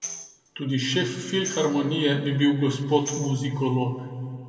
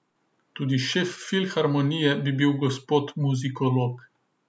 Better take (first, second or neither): second